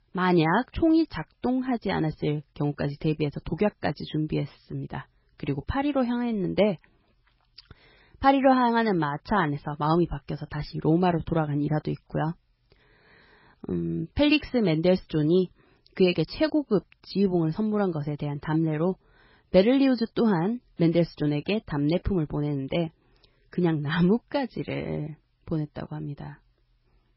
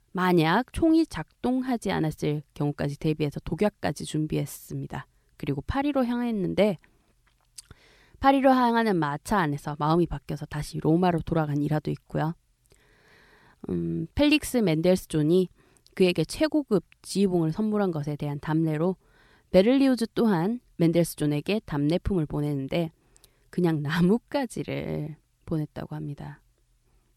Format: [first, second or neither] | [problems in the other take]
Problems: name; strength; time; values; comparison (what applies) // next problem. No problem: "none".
second | garbled, watery; badly; nothing above 5.5 kHz